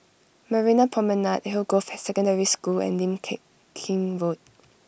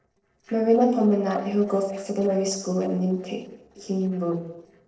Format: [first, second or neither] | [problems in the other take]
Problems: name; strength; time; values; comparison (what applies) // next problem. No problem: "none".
first | noise reduction (neural separator model SepFormer DNS4)